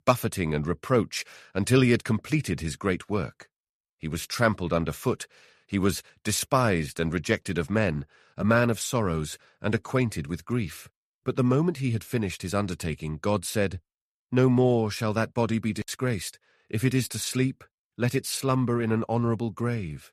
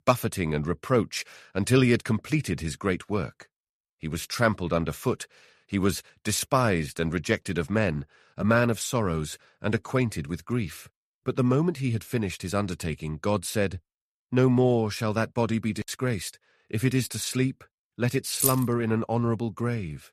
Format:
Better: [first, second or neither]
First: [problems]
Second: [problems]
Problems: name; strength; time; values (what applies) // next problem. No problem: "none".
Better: first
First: none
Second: jangling keys; loud; at 18 s; peak 2 dB above the speech